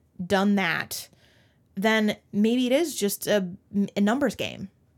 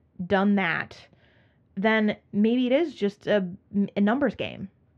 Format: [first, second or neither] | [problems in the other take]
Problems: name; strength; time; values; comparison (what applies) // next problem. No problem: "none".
first | muffled; very; fading above 3 kHz